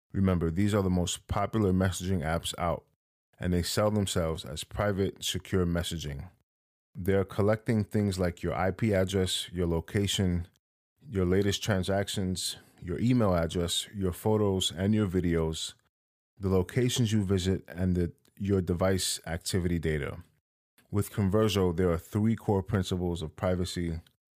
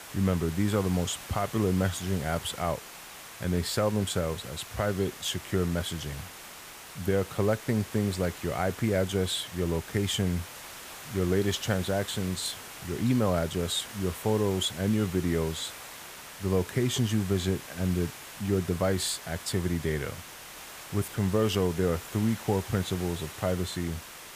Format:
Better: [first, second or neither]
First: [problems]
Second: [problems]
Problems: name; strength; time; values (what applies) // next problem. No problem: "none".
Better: first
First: none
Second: hiss; noticeable; throughout; 10 dB below the speech